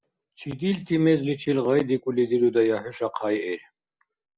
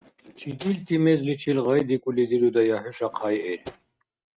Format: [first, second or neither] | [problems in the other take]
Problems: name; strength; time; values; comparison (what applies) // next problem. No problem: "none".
first | noise reduction (neural mask model RNNoise)